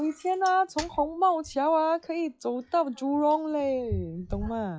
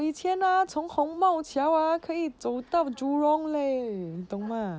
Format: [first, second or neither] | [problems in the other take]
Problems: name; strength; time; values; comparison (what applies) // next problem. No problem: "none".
second | noise reduction (classical method log-MMSE)